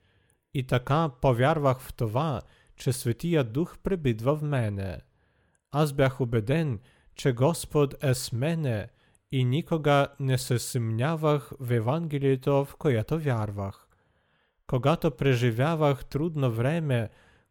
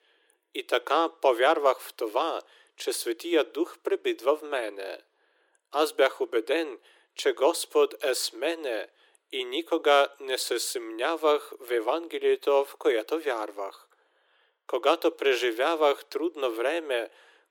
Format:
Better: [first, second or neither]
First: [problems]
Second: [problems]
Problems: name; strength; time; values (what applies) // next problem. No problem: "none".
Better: first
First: none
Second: thin; very; fading below 350 Hz